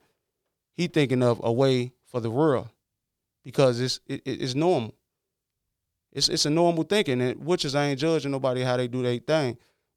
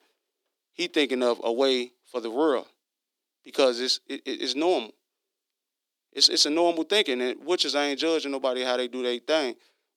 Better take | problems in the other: first | thin; very slightly; fading below 250 Hz

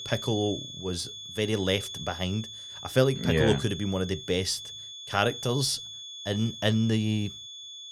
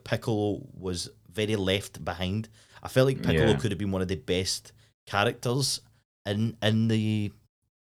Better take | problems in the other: second | high-pitched whine; loud; throughout; 3.5 kHz, 10 dB below the speech

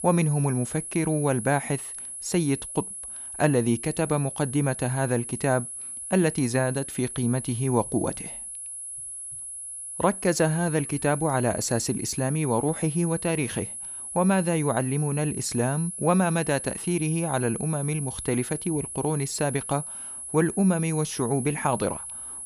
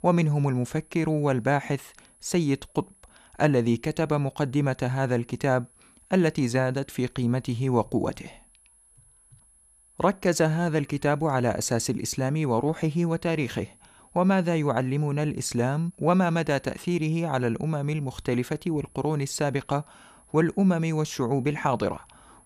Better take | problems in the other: second | high-pitched whine; loud; throughout; 10.5 kHz, 8 dB below the speech; faint in the second

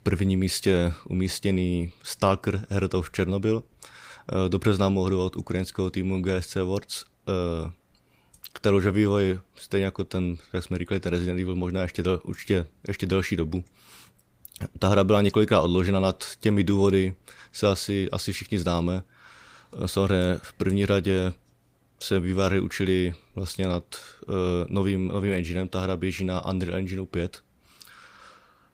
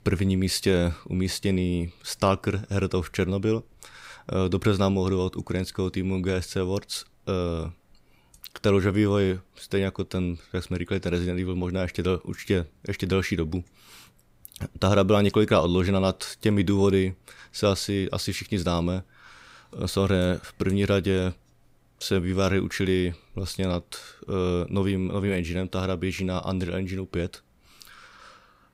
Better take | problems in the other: second | garbled, watery; slightly; nothing above 15.5 kHz

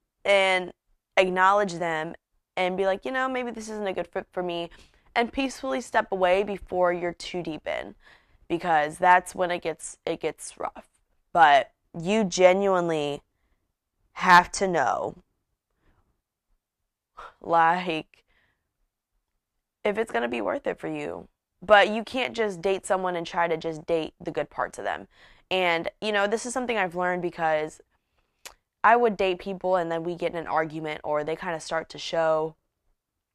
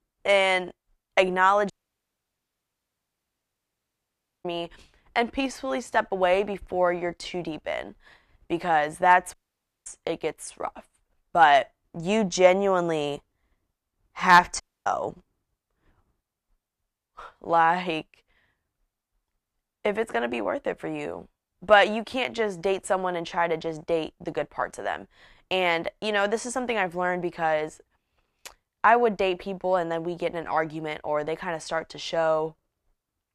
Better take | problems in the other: first | audio cutting out; at 1.5 s for 2.5 s, at 9.5 s for 0.5 s and at 15 s

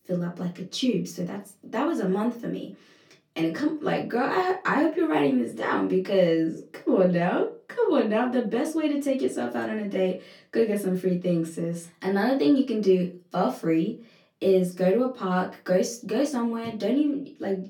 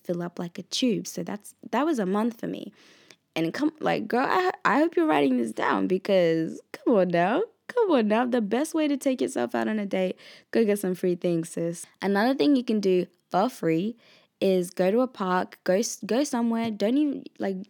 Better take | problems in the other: second | off-mic speech; far // room echo; very slight; dies away in 0.2 s

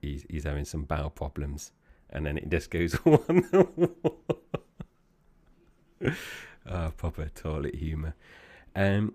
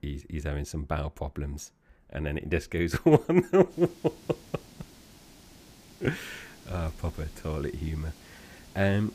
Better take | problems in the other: first | hiss; faint; from 3.5 s on; 20 dB below the speech

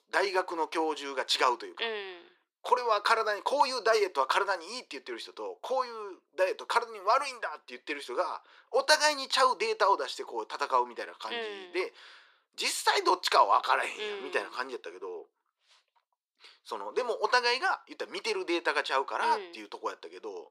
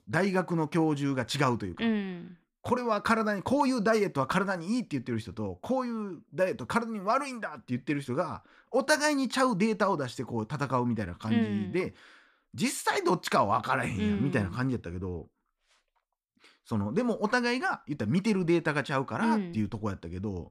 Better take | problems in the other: second | thin; very; fading below 400 Hz

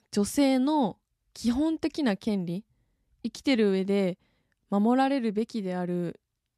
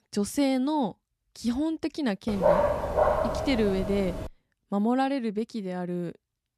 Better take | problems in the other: first | dog barking; loud; from 2.5 to 4.5 s; peak 6 dB above the speech

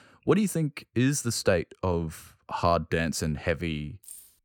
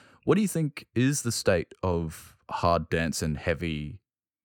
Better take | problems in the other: second | jangling keys; faint; at 4 s; peak 15 dB below the speech

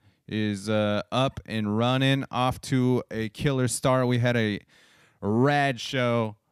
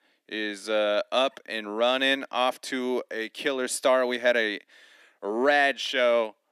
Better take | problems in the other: first | thin; somewhat; fading below 300 Hz

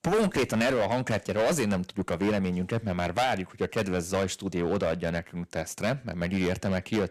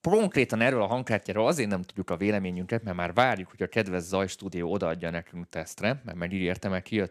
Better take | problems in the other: second | distortion; heavy; 10% of the sound clipped

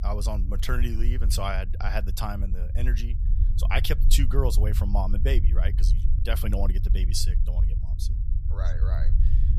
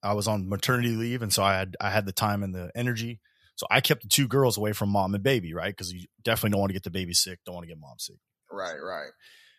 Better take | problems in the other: second | low rumble; noticeable; throughout; 10 dB below the speech

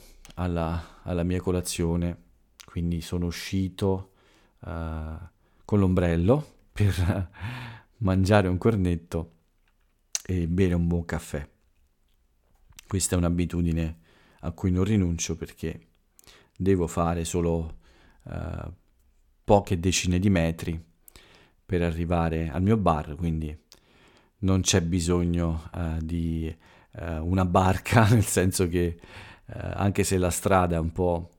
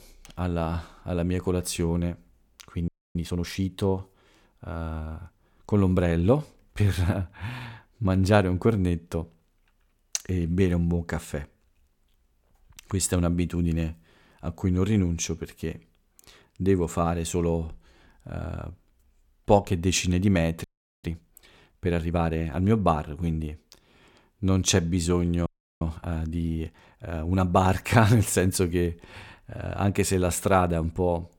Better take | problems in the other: first | audio freezing; at 3 s, at 21 s and at 25 s

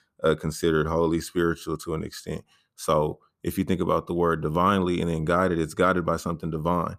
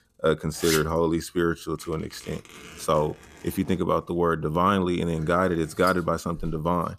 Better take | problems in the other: first | household noises; noticeable; throughout; 10 dB below the speech

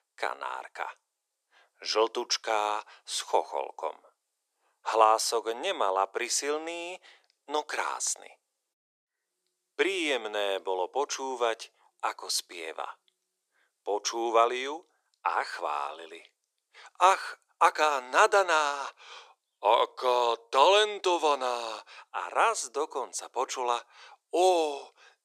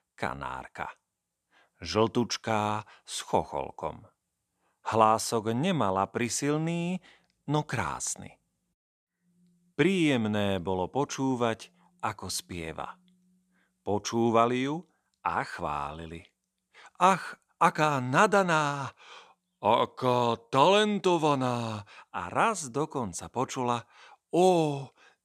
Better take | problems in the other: second | thin; very; fading below 400 Hz

